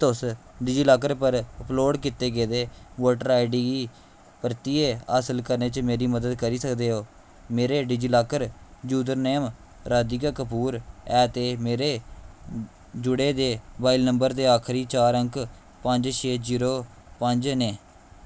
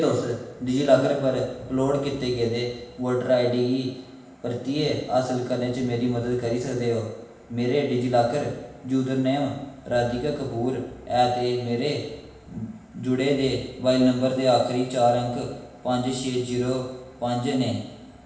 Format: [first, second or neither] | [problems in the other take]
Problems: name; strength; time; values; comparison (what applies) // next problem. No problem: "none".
first | room echo; dies away in 0.9 s